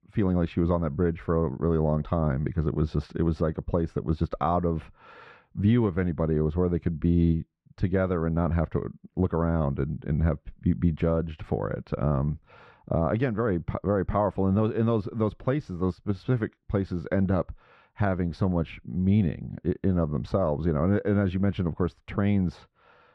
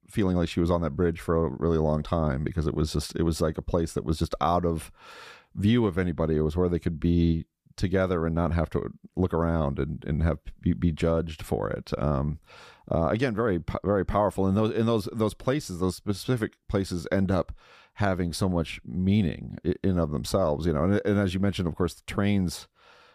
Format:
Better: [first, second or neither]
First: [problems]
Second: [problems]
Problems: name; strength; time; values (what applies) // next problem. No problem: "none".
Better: second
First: muffled; slightly; fading above 2 kHz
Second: none